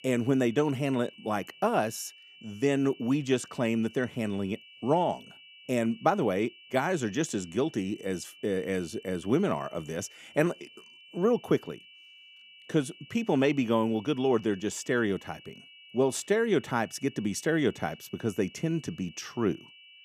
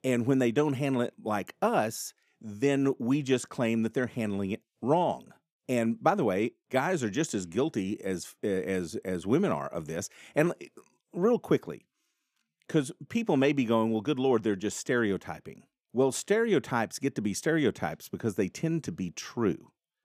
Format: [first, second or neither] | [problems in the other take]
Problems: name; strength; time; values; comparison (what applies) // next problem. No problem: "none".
second | high-pitched whine; faint; throughout; 3 kHz, 20 dB below the speech